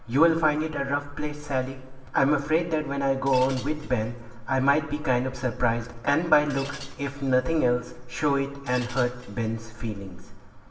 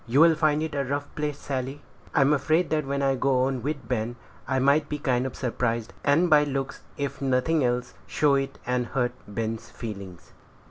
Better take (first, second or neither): second